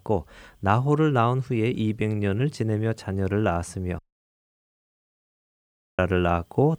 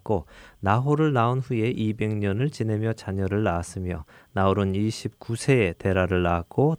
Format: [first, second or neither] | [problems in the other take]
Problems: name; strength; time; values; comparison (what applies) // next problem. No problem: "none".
second | audio cutting out; at 4 s for 2 s